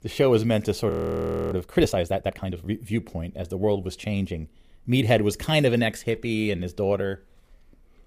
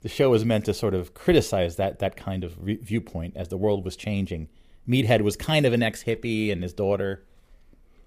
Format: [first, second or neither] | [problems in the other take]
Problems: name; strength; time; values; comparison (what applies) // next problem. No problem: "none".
second | audio freezing; at 1 s for 0.5 s